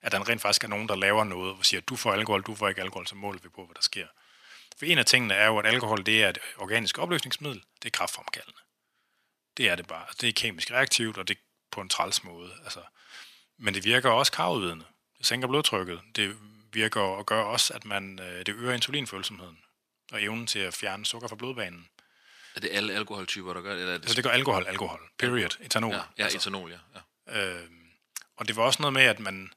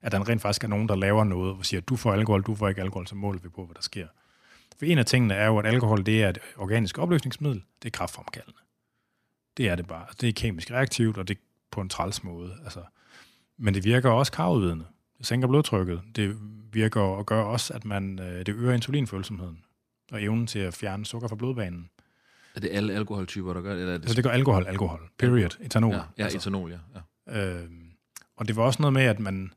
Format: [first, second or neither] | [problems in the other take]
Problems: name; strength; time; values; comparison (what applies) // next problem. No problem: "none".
second | thin; somewhat; fading below 1 kHz